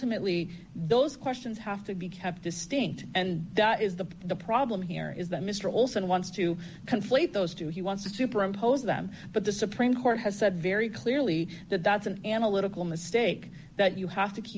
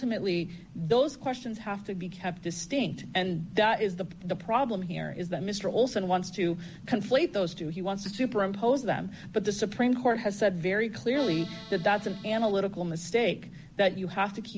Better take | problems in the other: first | background sound (Accordion); 14 dB below the speech

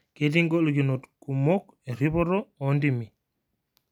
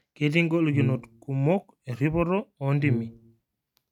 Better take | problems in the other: first | noise reduction (neural mask model RNNoise)

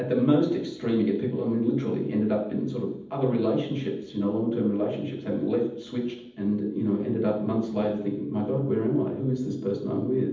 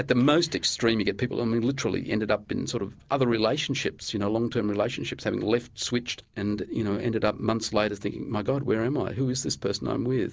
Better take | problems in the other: second | room echo; dies away in 0.8 s

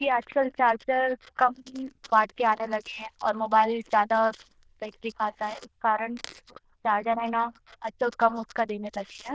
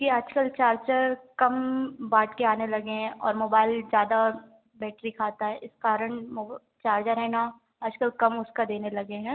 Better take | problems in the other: second | noise reduction (neural diffusion model UNIVERSE++)

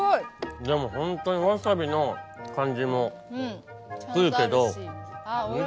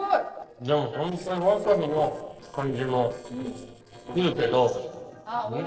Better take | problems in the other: first | noise reduction (neural separator model SepFormer DNS4)

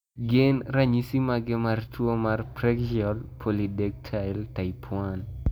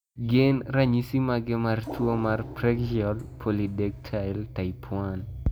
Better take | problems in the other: first | background sound (Water); 17 dB below the speech

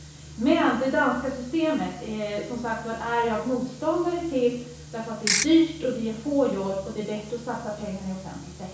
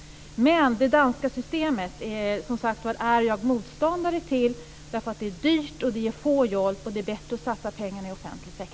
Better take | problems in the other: second | background sound (Ratchet, pawl / Percussion); 1 dB above the speech // room echo; dies away in 0.6 s

